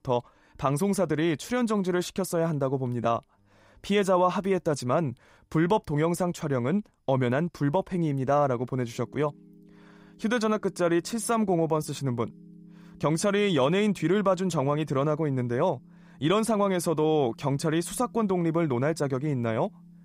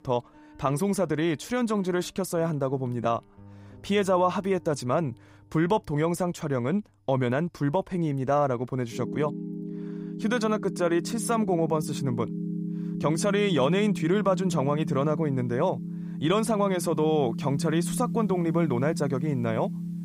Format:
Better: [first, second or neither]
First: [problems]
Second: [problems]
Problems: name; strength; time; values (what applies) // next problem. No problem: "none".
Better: first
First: background music; faint; throughout; 25 dB below the speech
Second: background music; loud; throughout; 6 dB below the speech